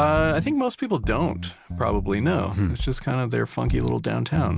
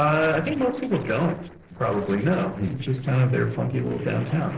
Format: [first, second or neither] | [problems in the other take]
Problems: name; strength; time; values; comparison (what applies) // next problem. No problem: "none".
first | noise reduction (neural separator model SepFormer DNS4)